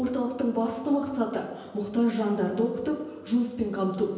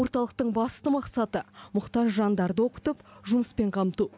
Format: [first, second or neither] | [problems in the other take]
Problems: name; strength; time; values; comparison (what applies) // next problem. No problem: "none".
second | room echo; dies away in 1 s